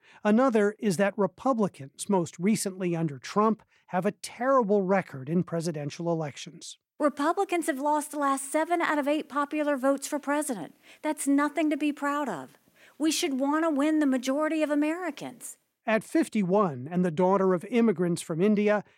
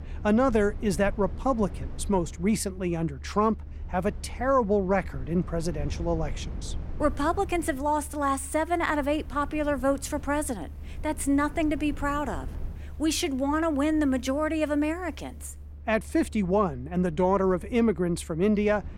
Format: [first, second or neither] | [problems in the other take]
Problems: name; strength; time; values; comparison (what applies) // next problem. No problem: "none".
first | low rumble; faint; throughout; 25 dB below the speech